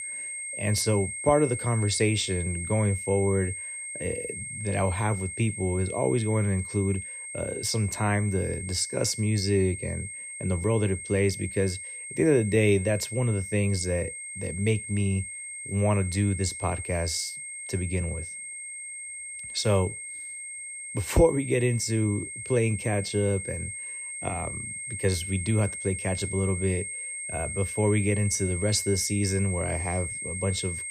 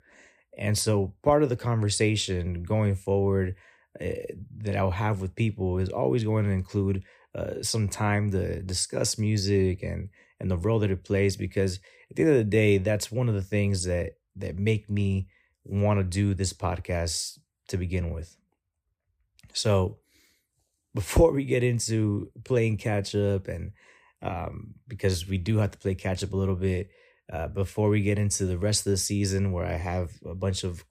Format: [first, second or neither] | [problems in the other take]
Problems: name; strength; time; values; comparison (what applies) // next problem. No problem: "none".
second | high-pitched whine; loud; throughout; 8.5 kHz, 7 dB below the speech